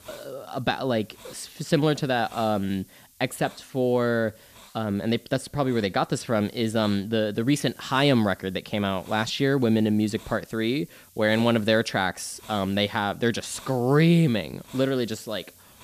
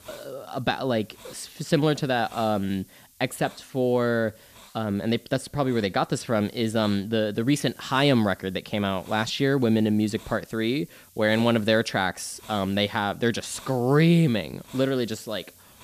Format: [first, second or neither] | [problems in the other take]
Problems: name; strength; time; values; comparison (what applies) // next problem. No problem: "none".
neither | hiss; faint; throughout; 25 dB below the speech; the same in both